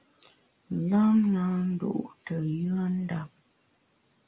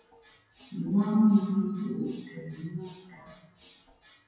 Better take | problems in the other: first | noise reduction (classical method WPE with log-MMSE)

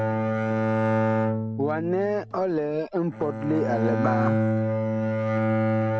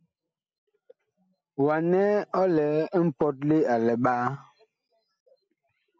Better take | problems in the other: second | background sound (Bowed string instrument); 4 dB above the speech

